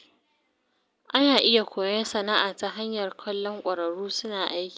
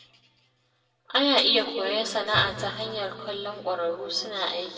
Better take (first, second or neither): first